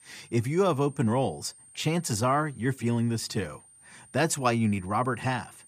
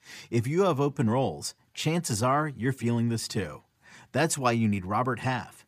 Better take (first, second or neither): second